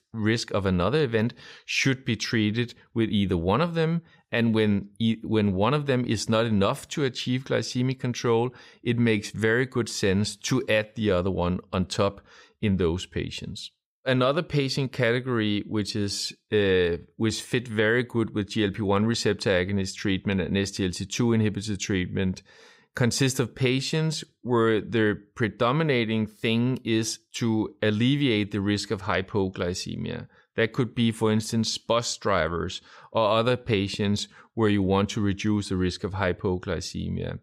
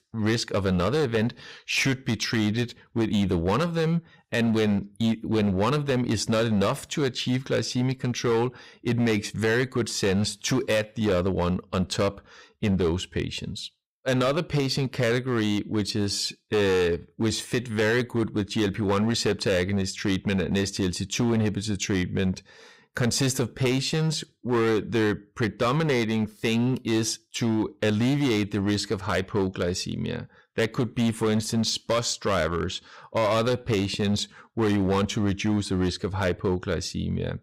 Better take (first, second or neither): first